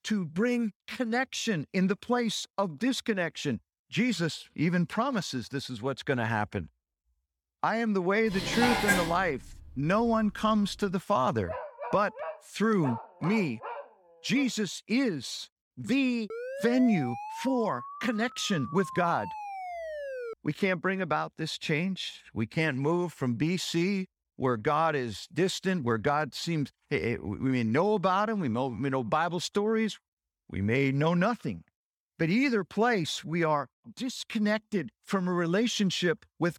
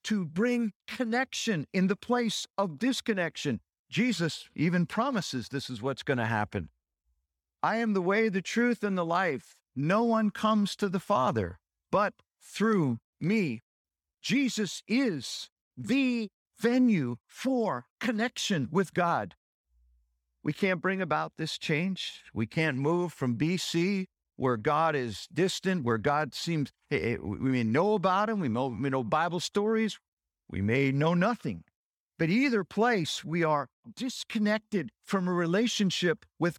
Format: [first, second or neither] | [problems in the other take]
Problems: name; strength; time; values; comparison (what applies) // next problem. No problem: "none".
second | clattering dishes; loud; at 8.5 s; peak 4 dB above the speech // dog barking; noticeable; from 11 to 14 s; peak 9 dB below the speech // siren; noticeable; from 16 to 20 s; peak 8 dB below the speech